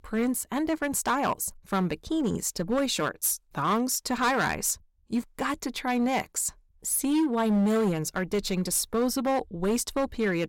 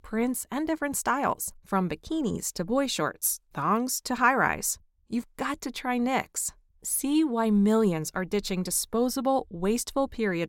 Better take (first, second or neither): second